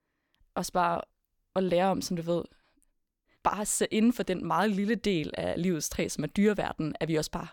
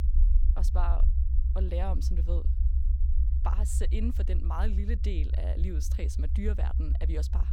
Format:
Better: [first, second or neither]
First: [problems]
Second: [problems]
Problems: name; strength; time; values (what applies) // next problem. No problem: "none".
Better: first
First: none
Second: low rumble; loud; throughout; 8 dB below the speech